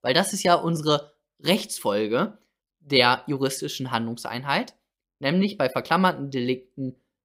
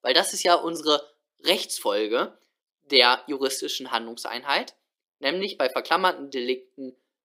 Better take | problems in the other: first | thin; somewhat; fading below 300 Hz

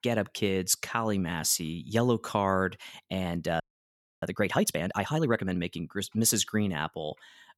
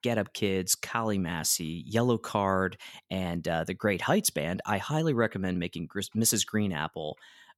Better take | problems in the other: second | audio freezing; at 3.5 s for 0.5 s

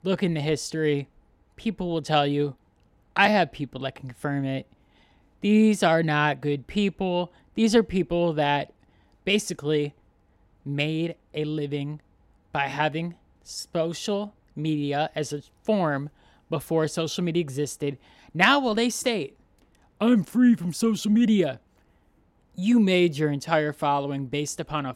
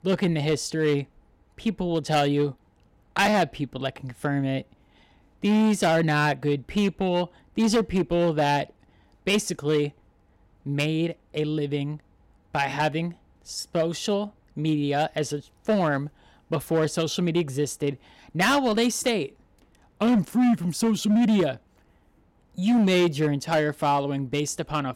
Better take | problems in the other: first | distortion; slight; 6% of the sound clipped

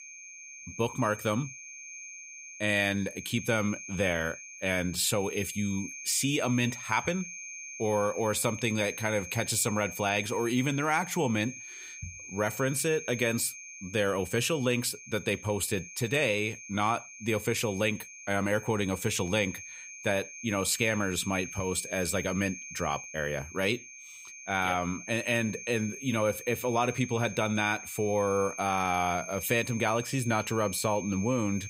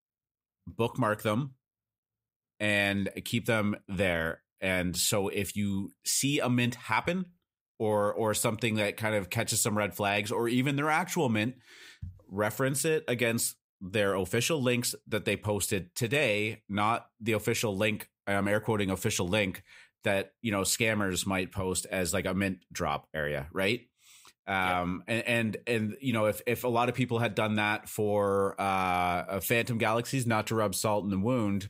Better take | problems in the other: second | high-pitched whine; noticeable; throughout; 6.5 kHz, 10 dB below the speech

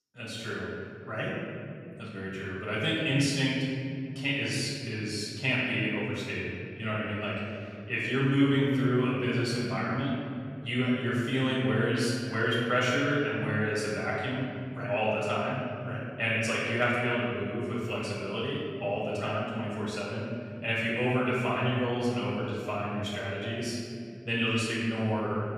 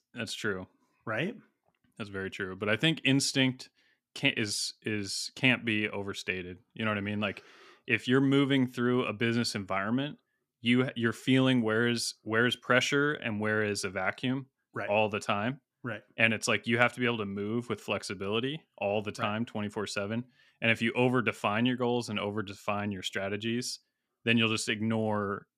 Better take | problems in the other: second | off-mic speech; far // room echo; strong; dies away in 3 s

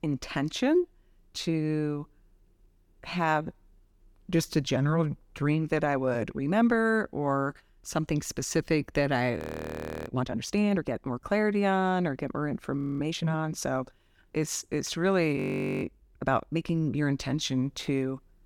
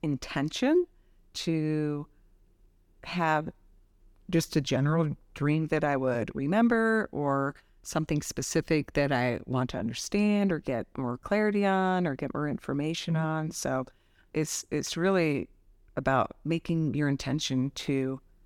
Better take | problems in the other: second | audio freezing; at 9.5 s for 0.5 s, at 13 s and at 15 s

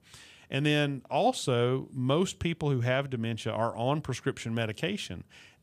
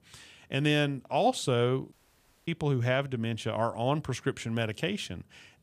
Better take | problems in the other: first | audio cutting out; at 2 s for 0.5 s

